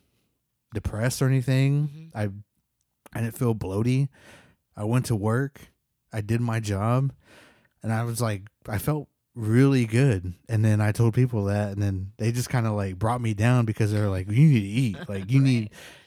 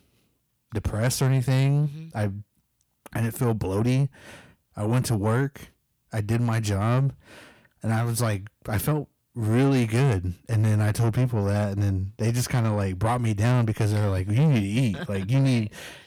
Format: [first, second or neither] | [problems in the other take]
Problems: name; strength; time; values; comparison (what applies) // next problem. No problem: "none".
first | distortion; slight; 10 dB below the speech